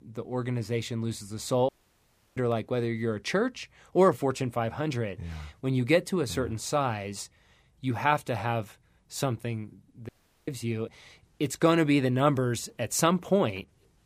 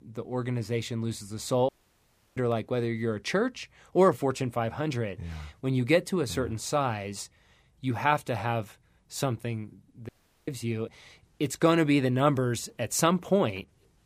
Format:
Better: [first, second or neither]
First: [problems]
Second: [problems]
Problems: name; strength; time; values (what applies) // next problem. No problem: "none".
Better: neither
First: audio cutting out; at 1.5 s for 0.5 s and at 10 s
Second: audio cutting out; at 1.5 s for 0.5 s and at 10 s